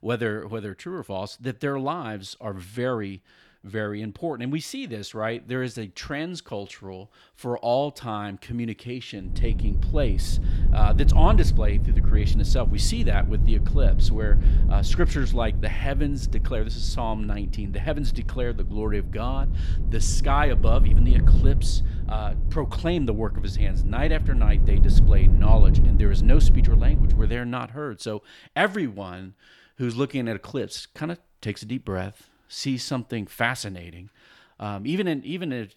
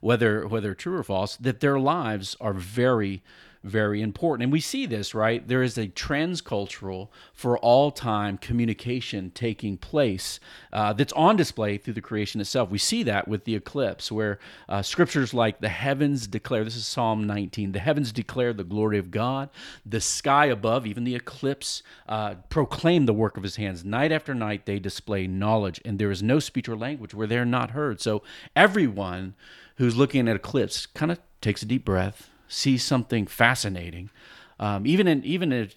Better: second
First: low rumble; loud; from 9.5 to 27 s; 10 dB below the speech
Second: none

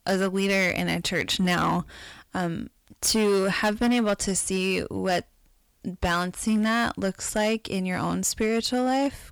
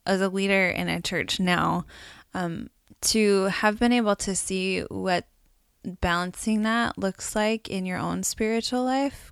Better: second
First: distortion; slight; 8% of the sound clipped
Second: none

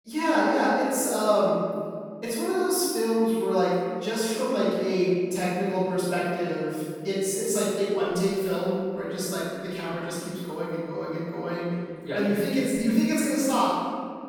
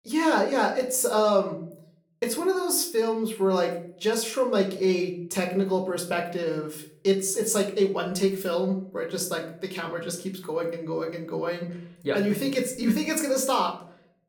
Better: second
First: room echo; strong; dies away in 1.9 s // off-mic speech; far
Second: room echo; slight; dies away in 0.4 s

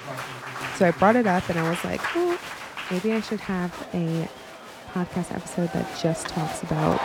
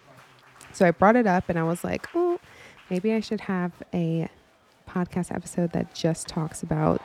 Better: second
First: crowd noise; loud; throughout; 8 dB below the speech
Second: crowd noise; faint; throughout; 25 dB below the speech

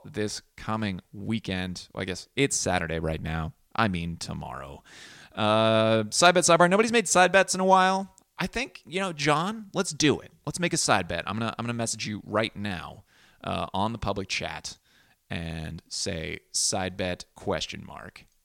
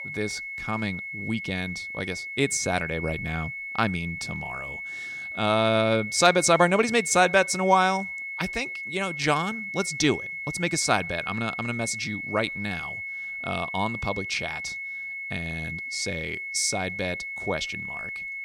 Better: first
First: none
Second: high-pitched whine; loud; throughout; 2 kHz, 6 dB below the speech

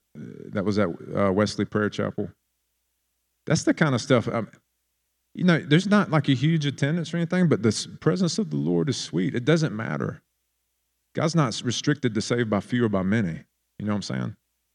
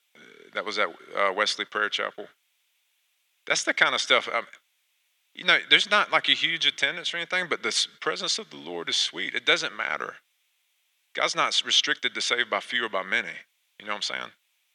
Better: first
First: none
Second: thin; very; fading below 800 Hz

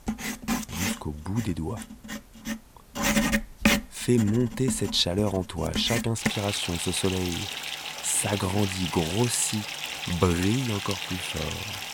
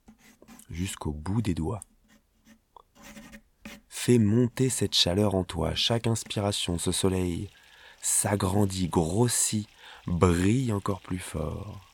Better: second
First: household noises; loud; throughout; 3 dB below the speech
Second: household noises; faint; throughout; 25 dB below the speech

